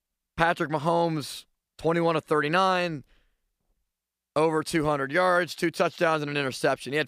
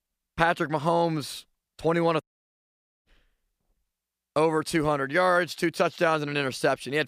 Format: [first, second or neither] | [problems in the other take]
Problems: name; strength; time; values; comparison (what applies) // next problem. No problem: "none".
first | audio cutting out; at 2 s for 1 s